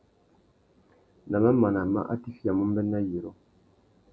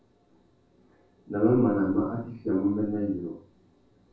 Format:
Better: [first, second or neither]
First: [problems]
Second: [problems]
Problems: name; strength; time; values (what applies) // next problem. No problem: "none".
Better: first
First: none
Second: room echo; dies away in 0.4 s